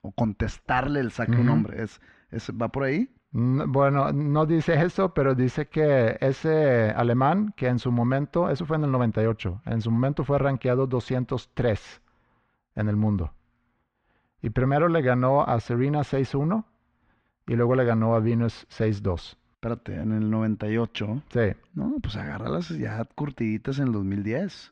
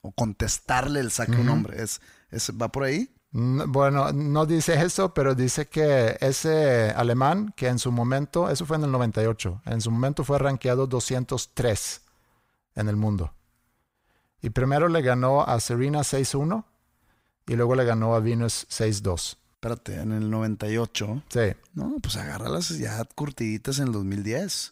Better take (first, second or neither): second